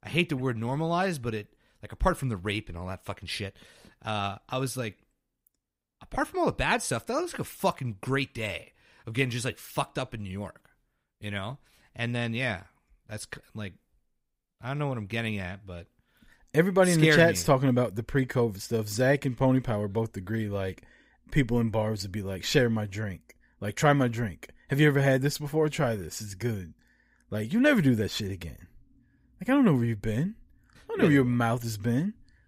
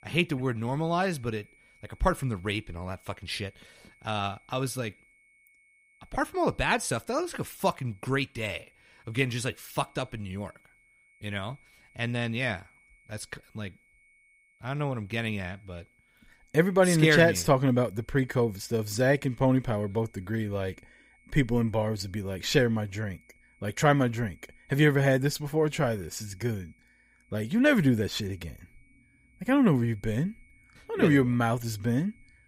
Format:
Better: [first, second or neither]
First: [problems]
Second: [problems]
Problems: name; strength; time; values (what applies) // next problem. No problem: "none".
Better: first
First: none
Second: high-pitched whine; faint; throughout; 2 kHz, 35 dB below the speech